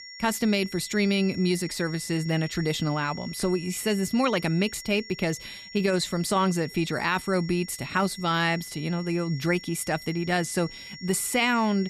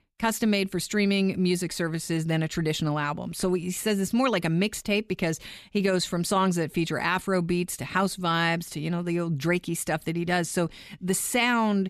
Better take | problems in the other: second | high-pitched whine; noticeable; throughout; 2 kHz, 15 dB below the speech

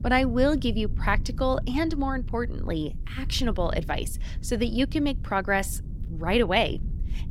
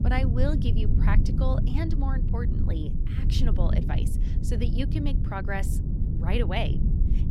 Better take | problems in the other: first | low rumble; loud; throughout; 5 dB below the speech; faint in the first

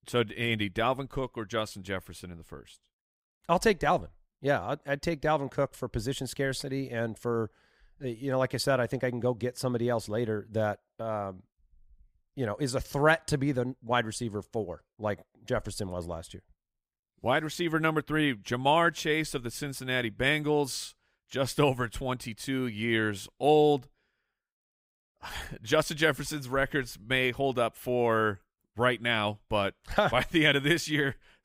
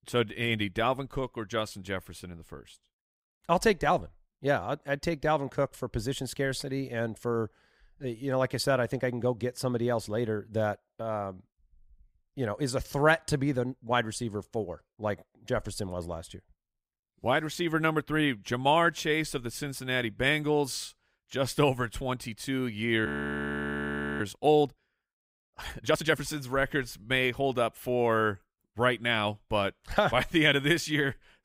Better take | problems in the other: first | audio freezing; at 23 s for 1 s

